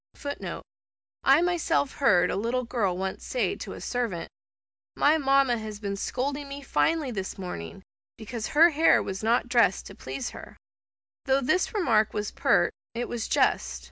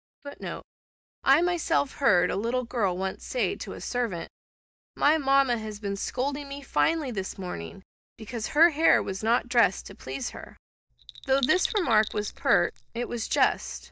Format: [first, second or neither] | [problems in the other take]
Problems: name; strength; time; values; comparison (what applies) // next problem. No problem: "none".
first | noise reduction (neural mask model DeepFilterNet 3)